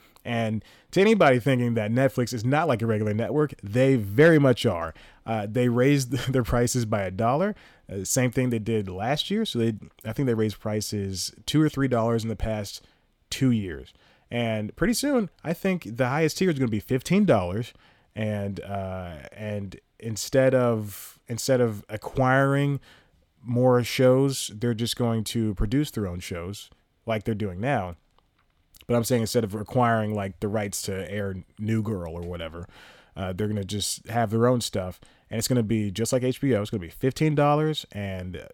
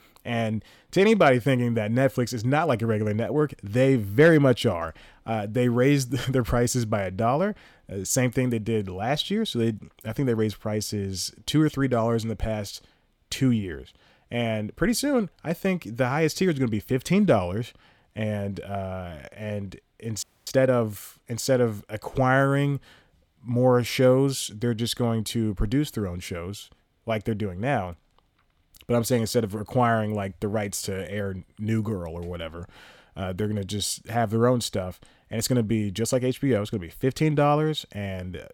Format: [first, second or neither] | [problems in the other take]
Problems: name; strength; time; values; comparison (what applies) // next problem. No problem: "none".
first | audio freezing; at 20 s